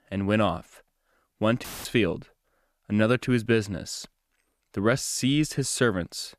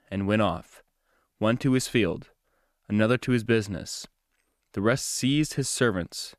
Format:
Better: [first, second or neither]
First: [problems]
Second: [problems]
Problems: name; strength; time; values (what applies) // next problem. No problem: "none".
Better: second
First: audio cutting out; filled with static; at 1.5 s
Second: none